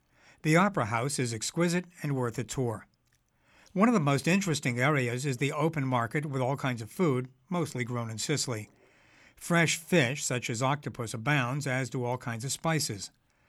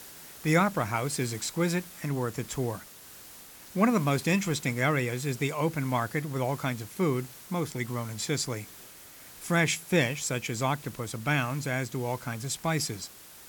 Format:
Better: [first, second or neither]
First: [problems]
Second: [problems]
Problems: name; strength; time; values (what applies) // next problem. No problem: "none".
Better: first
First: none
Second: hiss; noticeable; throughout; 15 dB below the speech